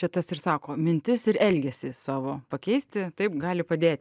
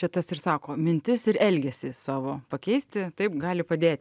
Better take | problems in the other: second | noise reduction (neural mask model DeepFilterNet 3)

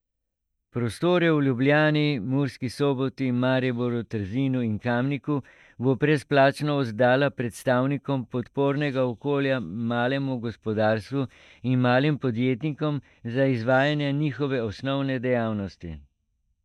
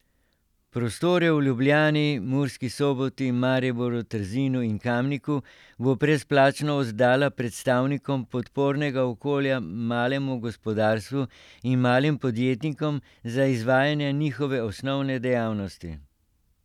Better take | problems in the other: second | noise reduction (neural mask model DeepFilterNet 3)

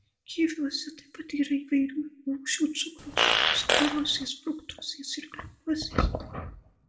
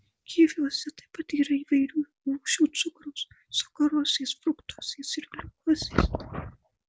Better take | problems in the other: second | background sound (Fart); 5 dB above the speech // room echo; dies away in 0.5 s

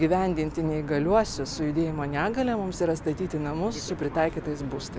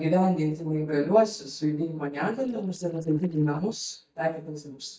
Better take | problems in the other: first | noise reduction (neural mask model DeepFilterNet 3)

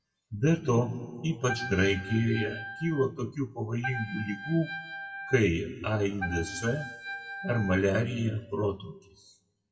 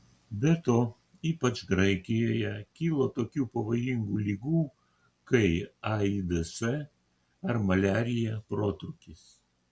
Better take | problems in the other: second | noise reduction (classical method WPE with log-MMSE)

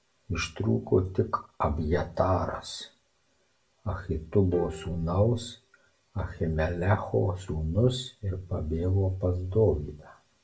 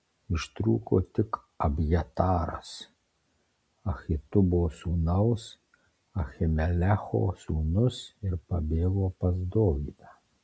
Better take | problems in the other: second | background sound (Bowed string instrument); 17 dB below the speech // room echo; dies away in 0.2 s

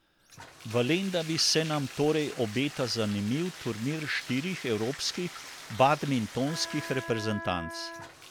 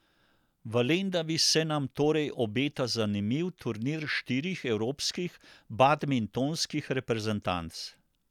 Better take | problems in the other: second | background sound (Wind instrument, woodwind instrument + Bathtub (filling or washing)); 13 dB below the speech

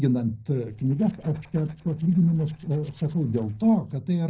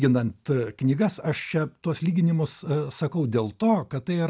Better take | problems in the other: second | noise reduction (neural separator model SepFormer DNS4)

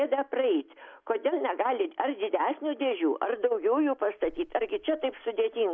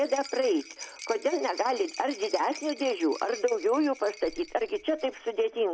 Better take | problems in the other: first | background sound (Rattle); 16 dB below the speech

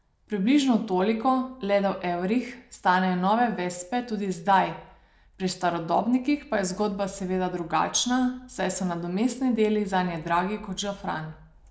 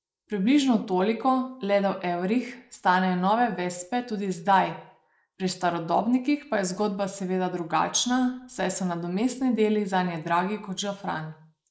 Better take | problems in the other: first | noise reduction (neural mask model Resemble Enhance denoiser)

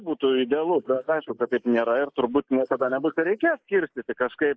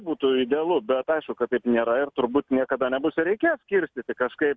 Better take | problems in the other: second | noise reduction (neural mask model Resemble Enhance denoiser)

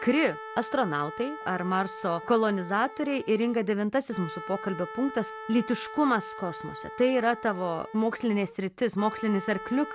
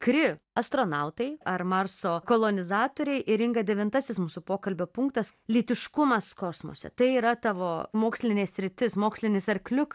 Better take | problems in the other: second | background sound (Wind instrument, woodwind instrument); 13 dB below the speech

